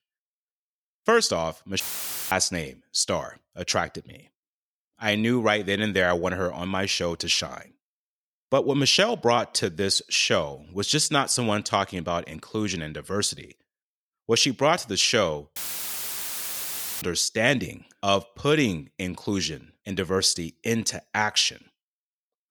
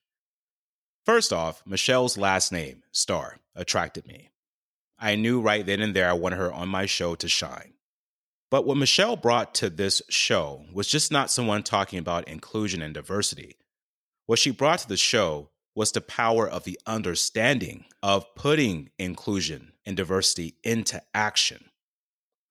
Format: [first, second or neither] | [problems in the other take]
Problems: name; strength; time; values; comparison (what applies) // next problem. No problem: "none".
second | audio cutting out; filled with static; at 2 s for 0.5 s and at 16 s for 1.5 s